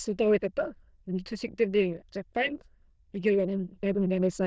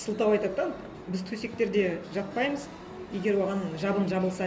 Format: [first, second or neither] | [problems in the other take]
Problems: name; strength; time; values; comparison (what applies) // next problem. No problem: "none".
second | noise reduction (neural diffusion model UNIVERSE++)